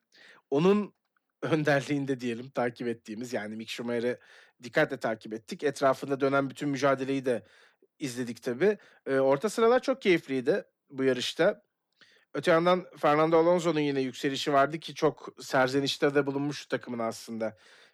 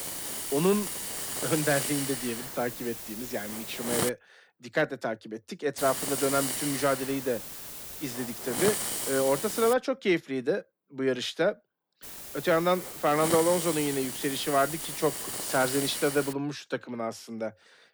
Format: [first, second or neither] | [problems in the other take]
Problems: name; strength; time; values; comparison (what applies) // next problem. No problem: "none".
first | hiss; loud; until 4 s, from 6 to 9.5 s and from 12 to 16 s; 3 dB below the speech